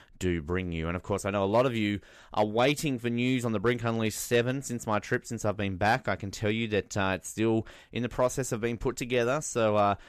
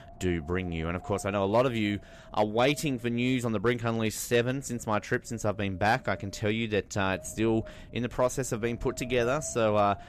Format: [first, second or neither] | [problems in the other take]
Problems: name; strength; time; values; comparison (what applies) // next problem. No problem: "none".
first | wind noise on the microphone; occasional gusts; 20 dB below the speech